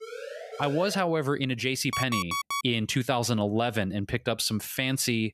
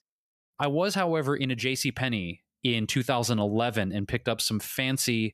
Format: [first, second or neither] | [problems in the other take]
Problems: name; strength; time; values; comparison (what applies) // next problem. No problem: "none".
second | siren; faint; until 1 s; peak 10 dB below the speech // alarm; noticeable; at 2 s; peak 2 dB below the speech